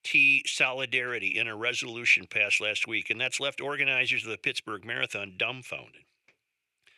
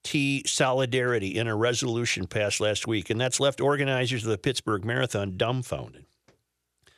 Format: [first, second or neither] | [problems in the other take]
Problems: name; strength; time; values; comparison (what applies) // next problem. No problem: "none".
second | thin; very slightly; fading below 250 Hz